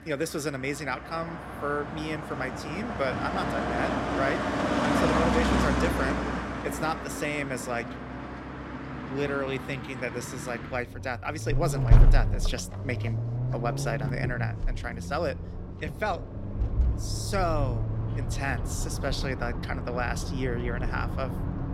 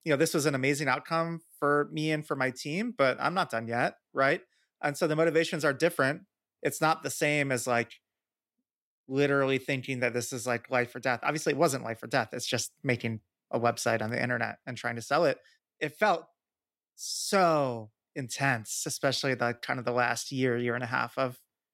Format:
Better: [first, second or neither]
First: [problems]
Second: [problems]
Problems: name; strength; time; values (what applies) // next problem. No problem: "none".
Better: second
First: traffic noise; very loud; throughout; 2 dB above the speech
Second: none